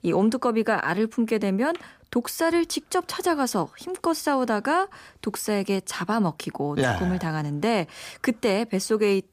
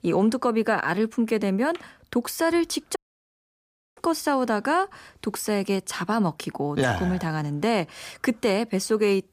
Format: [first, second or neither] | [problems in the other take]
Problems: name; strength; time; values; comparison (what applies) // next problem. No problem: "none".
first | audio cutting out; at 3 s for 1 s